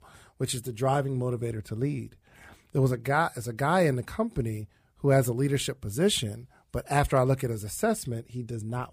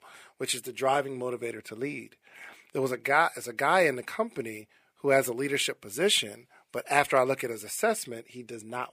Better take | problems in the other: first | thin; somewhat; fading below 350 Hz

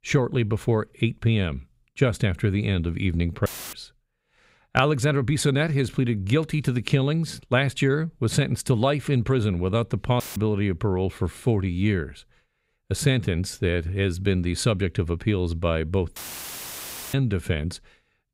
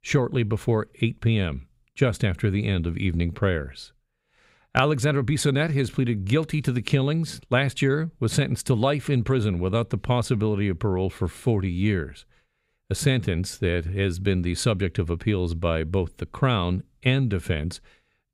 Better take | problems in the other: second | audio cutting out; filled with static; at 3.5 s, at 10 s and at 16 s for 1 s

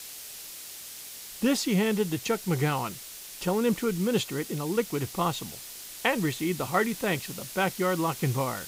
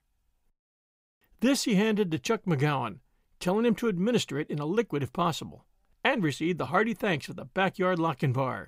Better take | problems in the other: second | hiss; noticeable; throughout; 10 dB below the speech

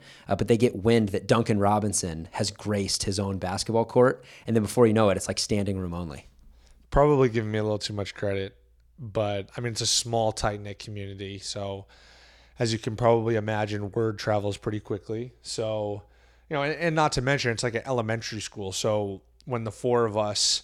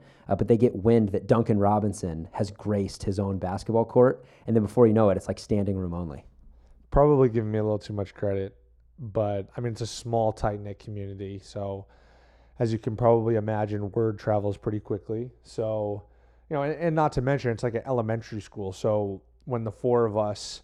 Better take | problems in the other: first | muffled; slightly; fading above 1.5 kHz

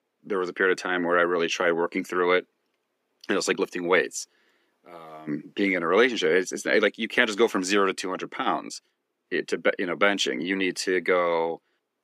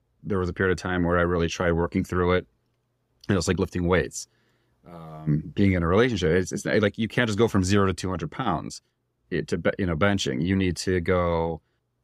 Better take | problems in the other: second | thin; somewhat; fading below 250 Hz

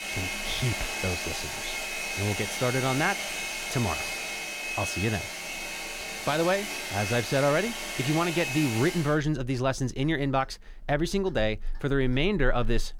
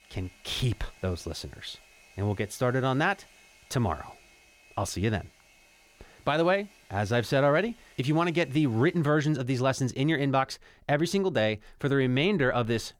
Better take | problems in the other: second | household noises; loud; throughout; 3 dB below the speech; faint in the second

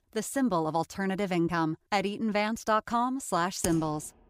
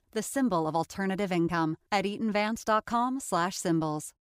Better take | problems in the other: second | keyboard typing; noticeable; at 3.5 s; peak 7 dB below the speech

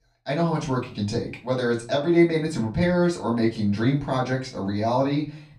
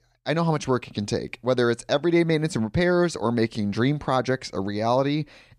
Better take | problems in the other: second | off-mic speech; far // room echo; very slight; dies away in 0.3 s

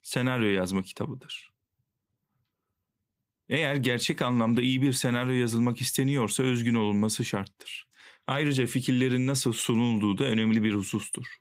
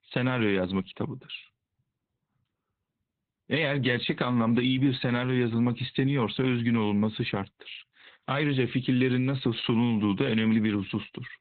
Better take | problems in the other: first | garbled, watery; badly; nothing above 4 kHz; slightly in the first

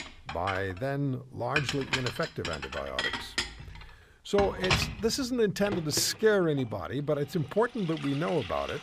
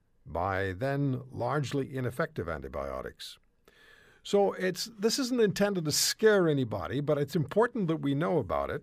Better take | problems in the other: second | household noises; loud; throughout; 4 dB below the speech

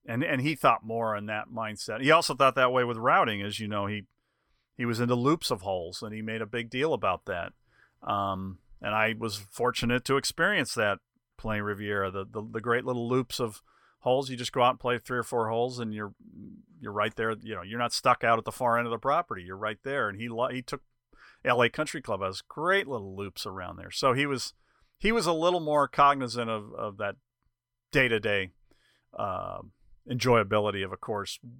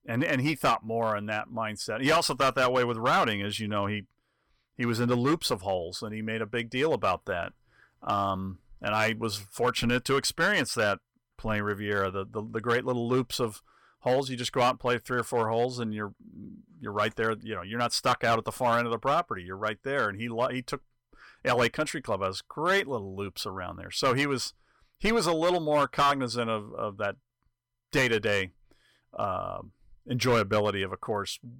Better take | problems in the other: first | distortion; slight; 4% of the sound clipped

